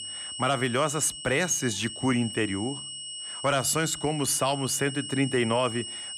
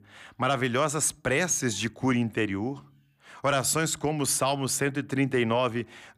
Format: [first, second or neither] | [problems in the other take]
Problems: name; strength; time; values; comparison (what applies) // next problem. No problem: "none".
second | high-pitched whine; loud; throughout; 3 kHz, 9 dB below the speech